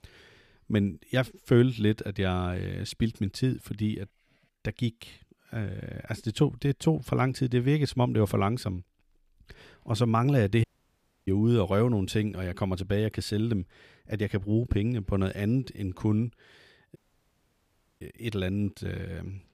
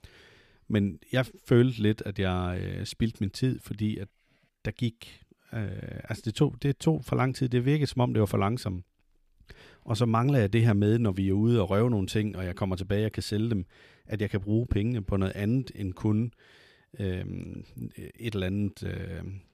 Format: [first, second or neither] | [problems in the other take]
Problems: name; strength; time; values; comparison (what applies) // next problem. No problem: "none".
second | audio cutting out; at 11 s for 0.5 s and at 17 s for 1 s